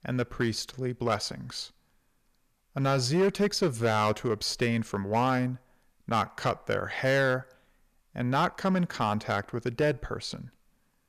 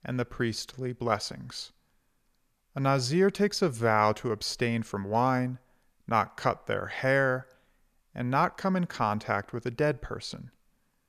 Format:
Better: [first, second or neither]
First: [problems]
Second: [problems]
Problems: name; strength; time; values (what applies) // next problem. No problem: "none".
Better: second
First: distortion; slight; 4% of the sound clipped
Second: none